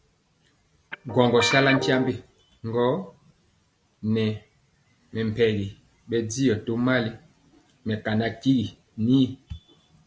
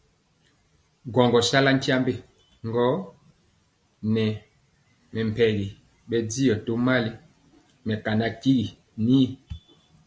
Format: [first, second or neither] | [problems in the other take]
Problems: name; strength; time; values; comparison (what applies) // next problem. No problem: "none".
second | background sound (Guitar); 3 dB below the speech